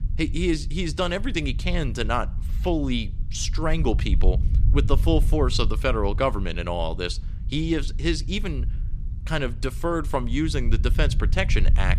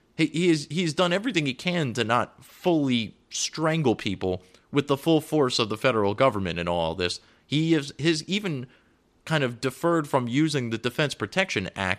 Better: second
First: low rumble; noticeable; throughout; 20 dB below the speech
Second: none

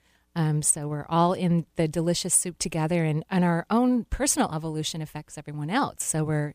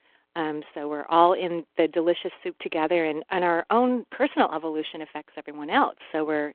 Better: first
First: none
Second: phone-call audio

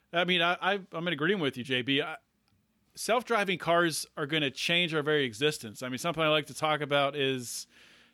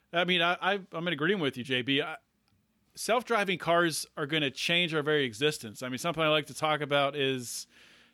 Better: neither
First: none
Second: none

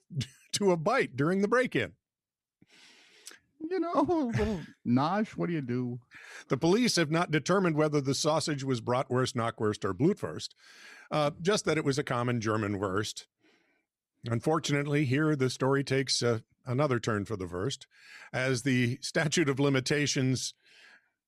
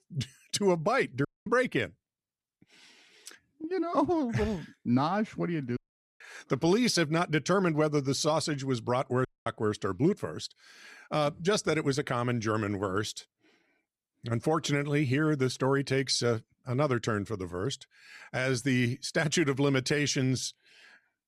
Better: first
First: none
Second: audio cutting out; at 1.5 s, at 6 s and at 9.5 s

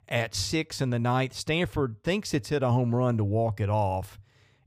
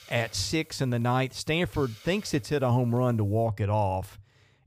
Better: first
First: none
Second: hiss; faint; until 3.5 s; 25 dB below the speech

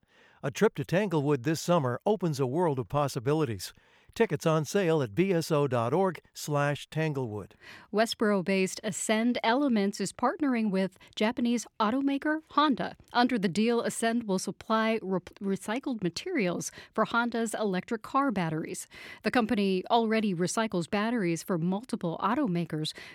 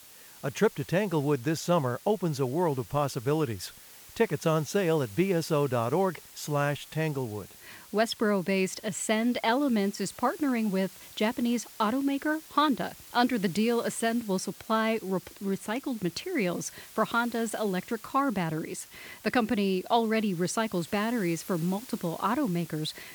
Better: first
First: none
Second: hiss; noticeable; throughout; 20 dB below the speech

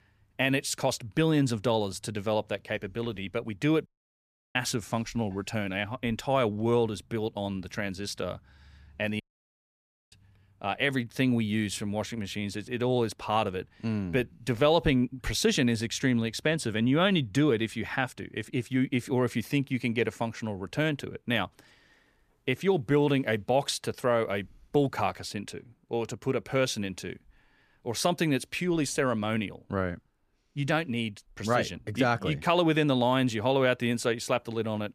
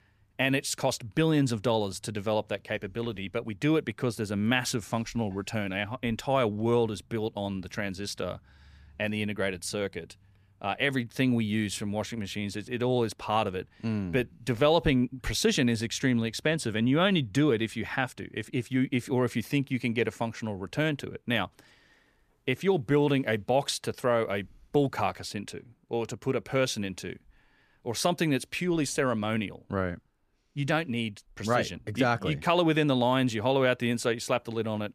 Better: second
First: audio cutting out; at 4 s for 0.5 s and at 9 s for 1 s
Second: none

